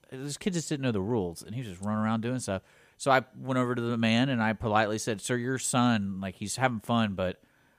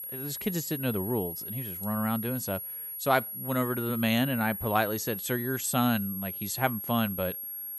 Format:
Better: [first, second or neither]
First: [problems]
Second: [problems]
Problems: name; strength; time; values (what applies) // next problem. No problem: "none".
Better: first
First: none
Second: high-pitched whine; loud; throughout; 11.5 kHz, 5 dB below the speech